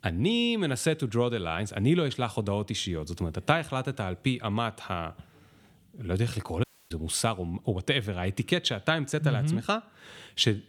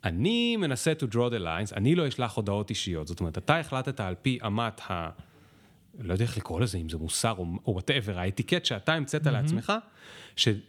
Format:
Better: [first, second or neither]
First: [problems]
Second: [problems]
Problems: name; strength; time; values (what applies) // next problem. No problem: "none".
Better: second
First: audio cutting out; at 6.5 s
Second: none